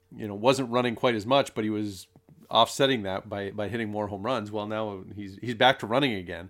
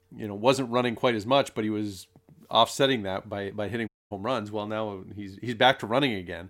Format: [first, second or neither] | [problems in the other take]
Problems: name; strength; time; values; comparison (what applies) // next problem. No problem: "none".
first | audio cutting out; at 4 s